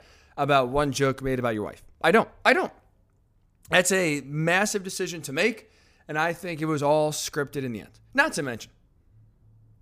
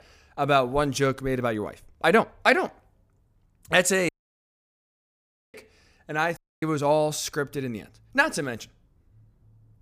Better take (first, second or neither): first